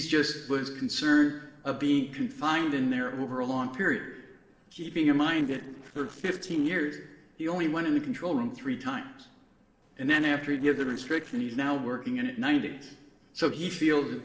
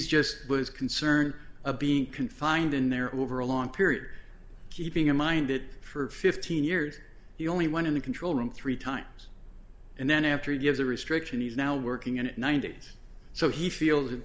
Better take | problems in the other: second | noise reduction (neural separator model SepFormer DNS4)

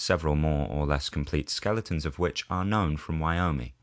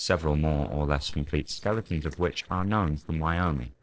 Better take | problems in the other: first | noise reduction (neural separator model SepFormer DNS4)

